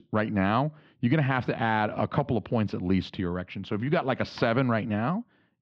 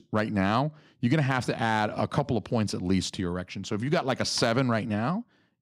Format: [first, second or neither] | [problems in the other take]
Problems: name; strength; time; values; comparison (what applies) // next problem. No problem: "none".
second | muffled; slightly; fading above 3.5 kHz